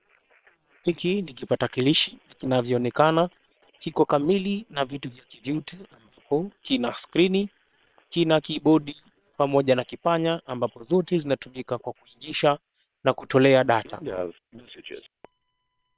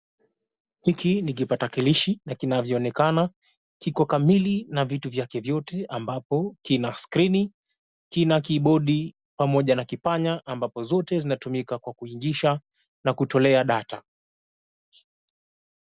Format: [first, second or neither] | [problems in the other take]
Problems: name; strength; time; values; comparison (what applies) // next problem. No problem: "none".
second | noise reduction (neural separator model SepFormer WHAM!)